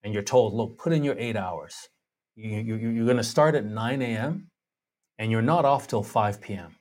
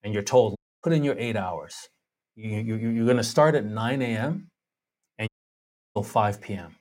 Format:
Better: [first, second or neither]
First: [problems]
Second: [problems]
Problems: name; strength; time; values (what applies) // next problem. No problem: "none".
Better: first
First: none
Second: audio cutting out; at 0.5 s and at 5.5 s for 0.5 s